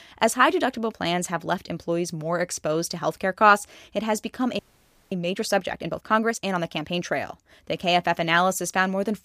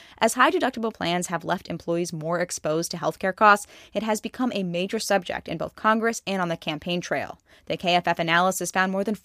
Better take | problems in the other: second | audio freezing; at 4.5 s for 0.5 s

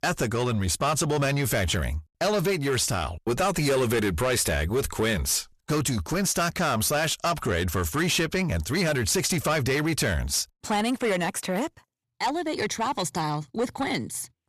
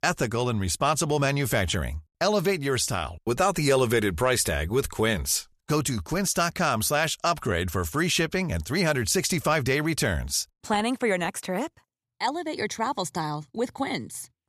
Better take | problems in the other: second | distortion; slight; 10 dB below the speech

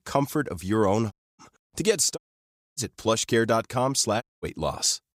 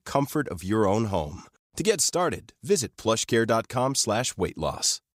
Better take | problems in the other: second | audio cutting out; at 1 s, at 2 s for 0.5 s and at 4 s

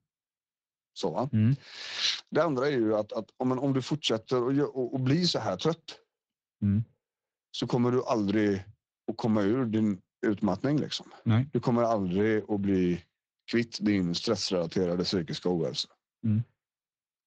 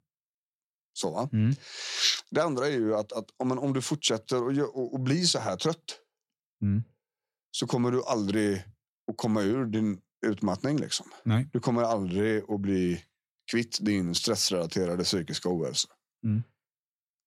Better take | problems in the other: second | garbled, watery; slightly

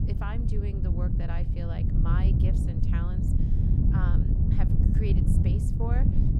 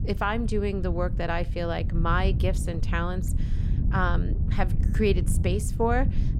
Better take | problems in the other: second | wind noise on the microphone; heavy; 3 dB above the speech; occasional gusts in the second

